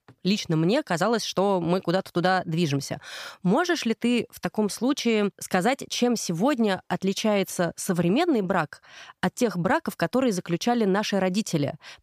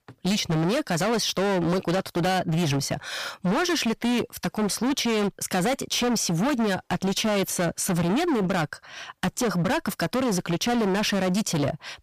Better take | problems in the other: first | distortion; heavy; 28% of the sound clipped

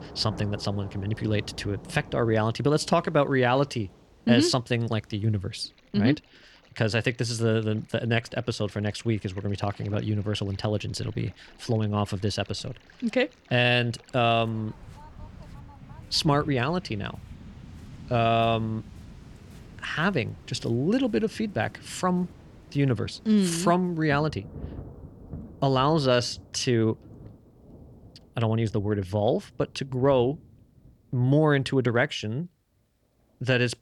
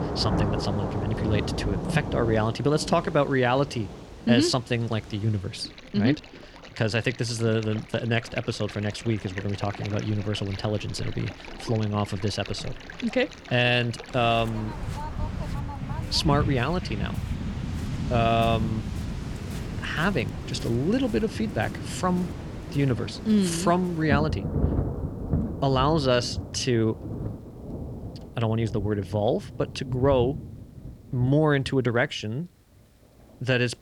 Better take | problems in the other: first | rain or running water; loud; throughout; 8 dB below the speech; faint in the first

